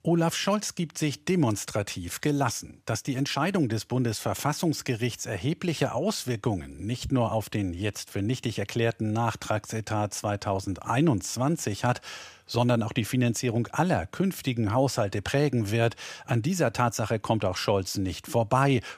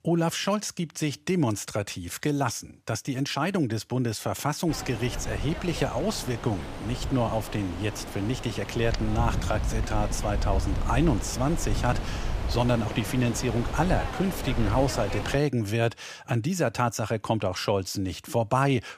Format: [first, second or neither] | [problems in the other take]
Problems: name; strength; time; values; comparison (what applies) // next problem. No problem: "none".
first | wind noise on the microphone; heavy; from 4.5 to 15 s; 8 dB below the speech